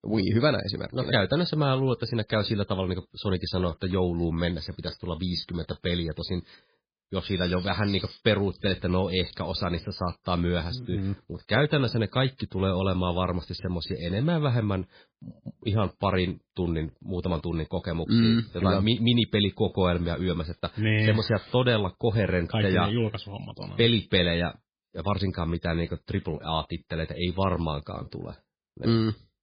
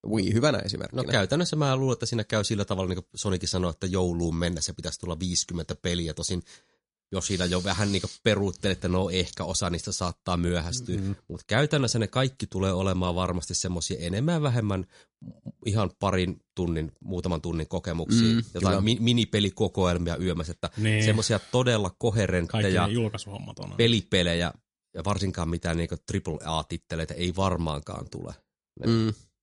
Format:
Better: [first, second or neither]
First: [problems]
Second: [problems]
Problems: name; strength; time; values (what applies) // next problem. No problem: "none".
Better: second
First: garbled, watery; badly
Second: garbled, watery; slightly; nothing above 10.5 kHz